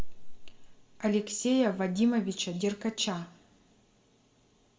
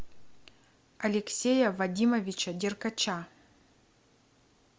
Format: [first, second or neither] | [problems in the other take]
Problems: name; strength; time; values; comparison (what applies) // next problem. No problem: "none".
second | room echo; dies away in 0.6 s